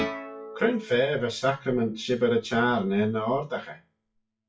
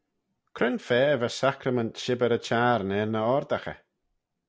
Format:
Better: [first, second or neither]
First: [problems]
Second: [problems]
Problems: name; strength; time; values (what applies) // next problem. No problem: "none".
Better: second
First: noise reduction (classical method WPE with log-MMSE)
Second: none